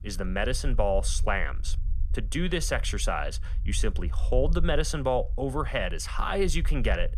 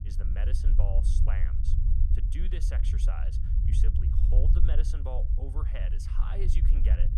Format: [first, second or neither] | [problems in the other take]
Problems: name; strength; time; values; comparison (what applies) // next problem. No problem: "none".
first | low rumble; loud; throughout; 3 dB below the speech; faint in the first